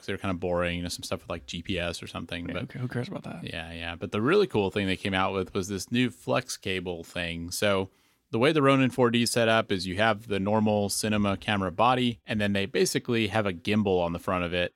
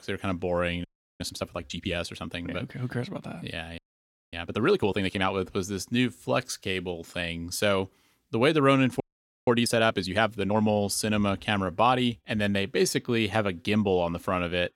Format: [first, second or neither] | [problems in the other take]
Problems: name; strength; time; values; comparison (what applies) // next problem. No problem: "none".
first | audio freezing; at 1 s, at 4 s for 0.5 s and at 9 s